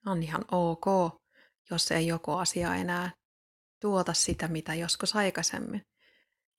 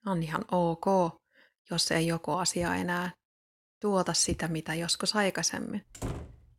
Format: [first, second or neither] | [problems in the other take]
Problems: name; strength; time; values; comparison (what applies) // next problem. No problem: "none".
first | door banging; noticeable; at 6 s; peak 9 dB below the speech